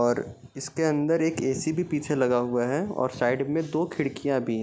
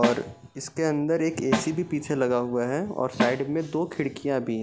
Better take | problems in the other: first | background sound (Snare drum); 7 dB below the speech

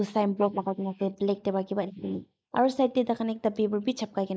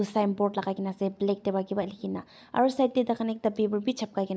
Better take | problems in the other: second | noise reduction (neural mask model Resemble Enhance denoiser)

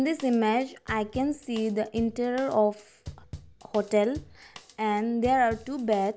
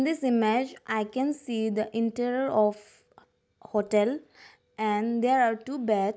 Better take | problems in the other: second | background sound (Drum kit); 19 dB below the speech

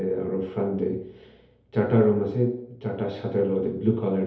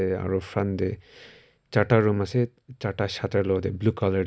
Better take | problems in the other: second | room echo; dies away in 2.2 s

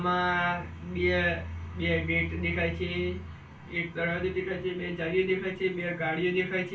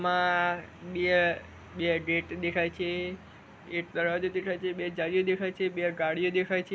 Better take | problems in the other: second | room echo; dies away in 0.2 s

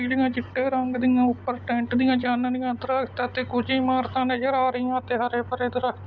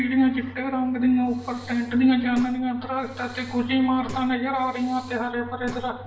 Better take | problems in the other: first | background sound (Breathing); 20 dB below the speech // room echo; dies away in 0.8 s

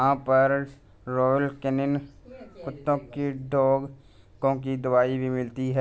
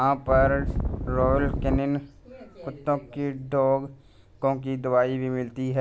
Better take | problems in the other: first | background sound (Wind); 1 dB below the speech

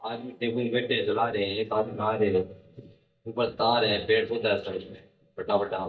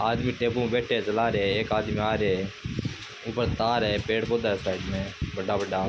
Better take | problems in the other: second | noise reduction (neural mask model DeepFilterNet 3)

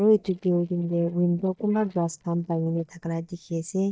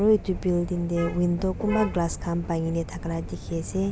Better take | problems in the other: second | noise reduction (neural mask model DeepFilterNet 3)

